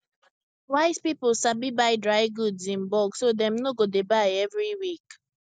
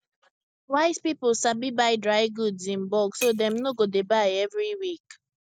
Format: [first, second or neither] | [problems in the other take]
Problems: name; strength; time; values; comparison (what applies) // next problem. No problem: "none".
first | background sound (Shatter); 18 dB below the speech